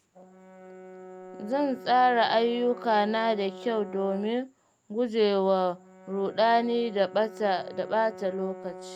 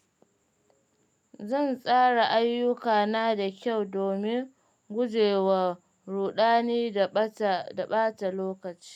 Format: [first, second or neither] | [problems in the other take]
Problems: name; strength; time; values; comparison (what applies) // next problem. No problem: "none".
second | background sound (Brass instrument); 17 dB below the speech